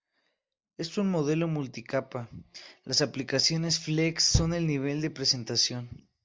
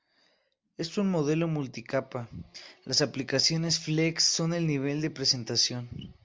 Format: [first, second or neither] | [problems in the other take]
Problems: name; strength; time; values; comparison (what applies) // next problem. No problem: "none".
second | noise reduction (neural mask model DeepFilterNet 3)